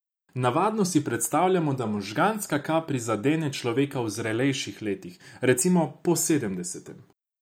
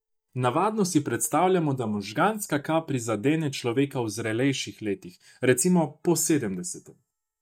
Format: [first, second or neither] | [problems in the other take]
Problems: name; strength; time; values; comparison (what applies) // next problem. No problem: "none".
first | noise reduction (neural mask model DeepFilterNet 3)